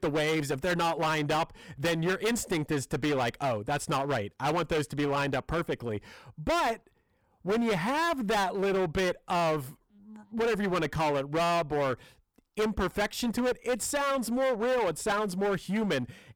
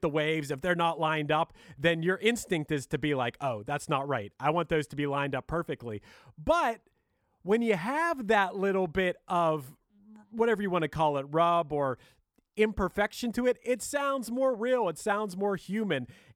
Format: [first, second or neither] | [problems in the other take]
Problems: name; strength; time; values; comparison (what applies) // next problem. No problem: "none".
second | distortion; heavy; 22% of the sound clipped